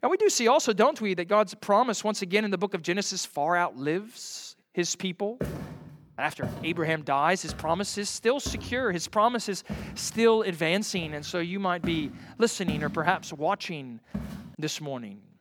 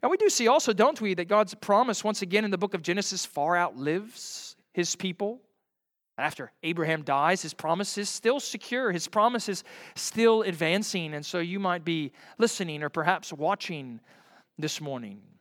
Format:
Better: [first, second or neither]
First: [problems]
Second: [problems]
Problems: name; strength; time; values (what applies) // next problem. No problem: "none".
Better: second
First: footsteps; noticeable; from 5.5 to 14 s; peak 5 dB below the speech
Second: none